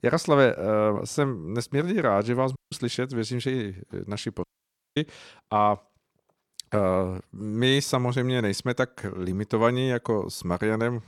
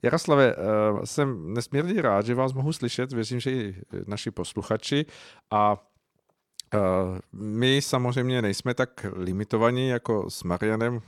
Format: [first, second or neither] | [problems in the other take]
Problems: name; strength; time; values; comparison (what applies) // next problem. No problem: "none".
second | audio cutting out; at 2.5 s and at 4.5 s for 0.5 s